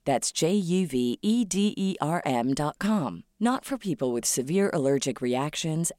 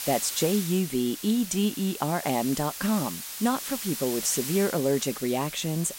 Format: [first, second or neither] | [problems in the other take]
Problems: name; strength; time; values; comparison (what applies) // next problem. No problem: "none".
first | hiss; loud; throughout; 7 dB below the speech